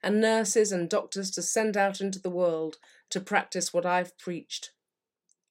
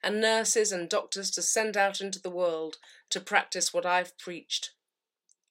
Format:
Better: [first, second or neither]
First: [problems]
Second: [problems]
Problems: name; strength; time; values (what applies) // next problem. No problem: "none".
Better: first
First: none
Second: thin; somewhat; fading below 650 Hz